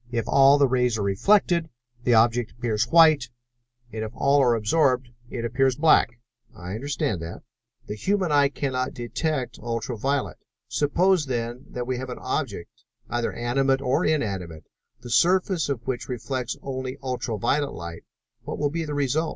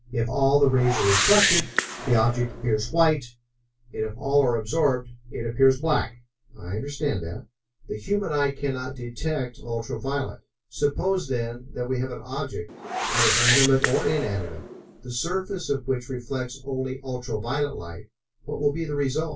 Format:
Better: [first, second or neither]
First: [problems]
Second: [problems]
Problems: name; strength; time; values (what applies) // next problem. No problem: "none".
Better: first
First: none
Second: background sound (Whoosh, swoosh, swish); 2 dB below the speech // room echo; dies away in 0.2 s